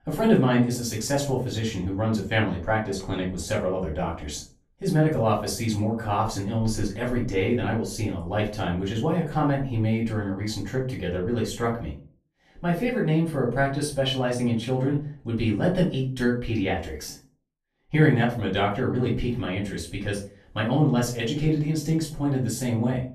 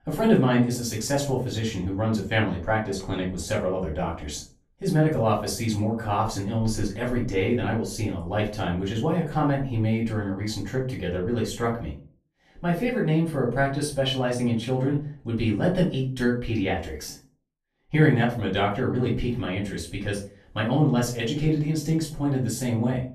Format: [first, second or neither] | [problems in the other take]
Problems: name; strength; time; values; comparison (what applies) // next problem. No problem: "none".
neither | off-mic speech; far; the same in both // room echo; slight; dies away in 0.3 s; the same in both